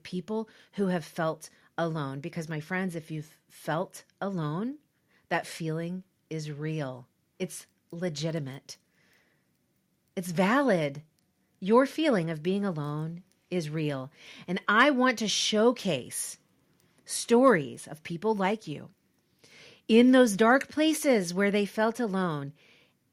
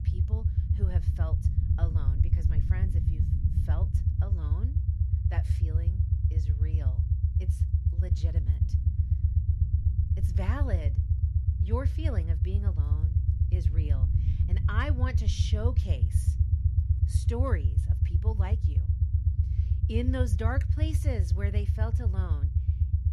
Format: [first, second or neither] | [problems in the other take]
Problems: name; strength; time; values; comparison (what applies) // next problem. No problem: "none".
first | low rumble; loud; throughout; 3 dB below the speech